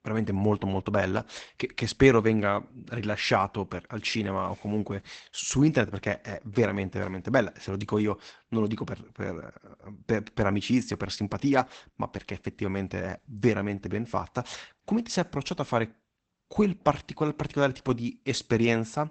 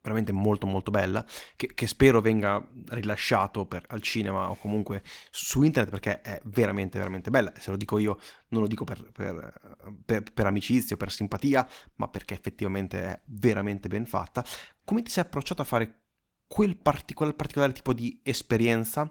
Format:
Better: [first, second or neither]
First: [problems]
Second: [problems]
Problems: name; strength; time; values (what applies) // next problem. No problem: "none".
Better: second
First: garbled, watery; badly; nothing above 8 kHz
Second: garbled, watery; slightly; nothing above 18.5 kHz